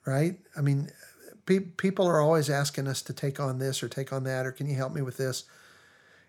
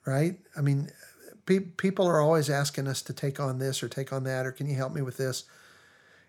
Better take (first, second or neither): neither